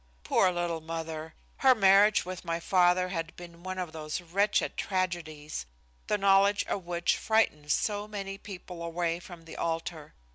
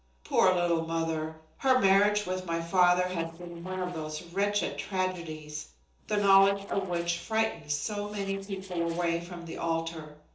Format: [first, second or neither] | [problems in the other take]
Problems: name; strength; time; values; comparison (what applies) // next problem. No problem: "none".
first | noise reduction (neural separator model SepFormer DNS4)